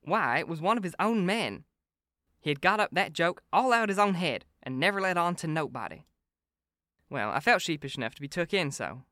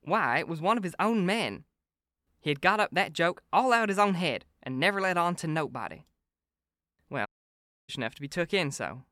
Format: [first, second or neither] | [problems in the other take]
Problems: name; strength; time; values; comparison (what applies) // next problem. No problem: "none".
first | audio cutting out; at 7.5 s for 0.5 s